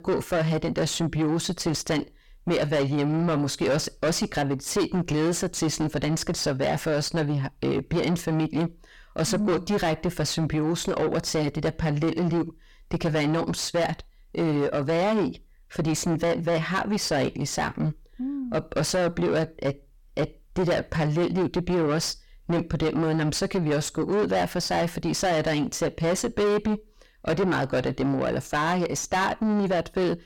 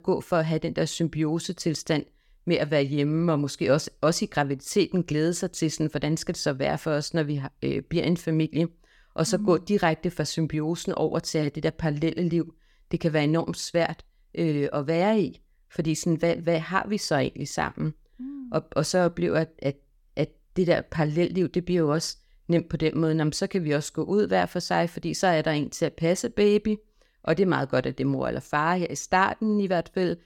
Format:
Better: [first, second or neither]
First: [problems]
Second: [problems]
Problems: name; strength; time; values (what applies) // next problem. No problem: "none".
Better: second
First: distortion; heavy; 5 dB below the speech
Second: none